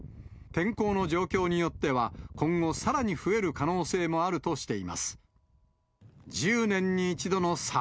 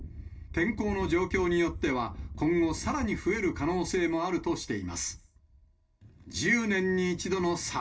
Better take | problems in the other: first | room echo; dies away in 0.2 s

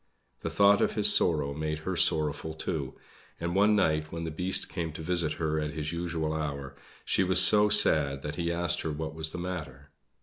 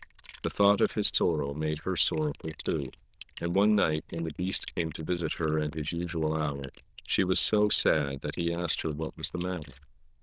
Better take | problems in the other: first | noise reduction (neural diffusion model UNIVERSE++)

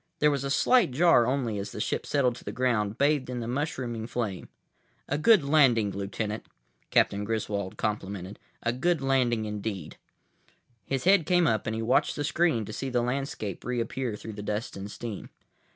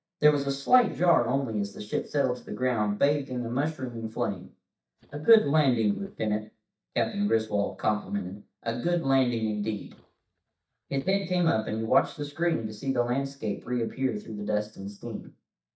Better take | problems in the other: first | noise reduction (neural mask model DeepFilterNet 3)

